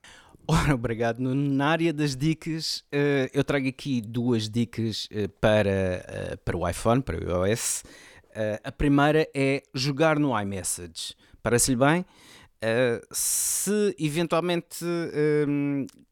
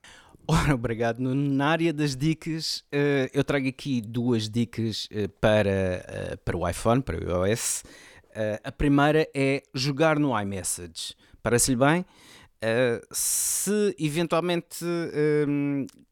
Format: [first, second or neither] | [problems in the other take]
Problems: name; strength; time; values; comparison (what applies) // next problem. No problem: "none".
neither | none